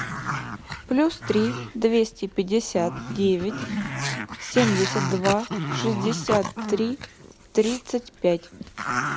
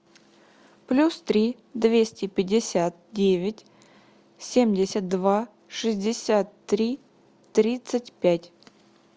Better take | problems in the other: second | background sound (Growling); 6 dB below the speech

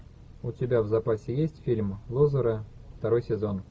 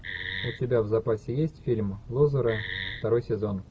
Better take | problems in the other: first | background sound (Wood); 7 dB below the speech

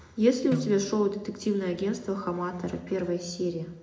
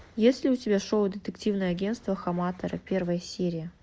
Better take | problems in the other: second | background sound (Snare drum); 12 dB below the speech // room echo; dies away in 0.6 s

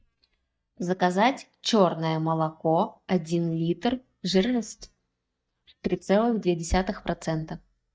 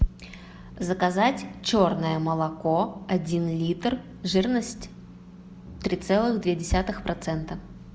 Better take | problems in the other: second | noise reduction (neural mask model DeepFilterNet 3)

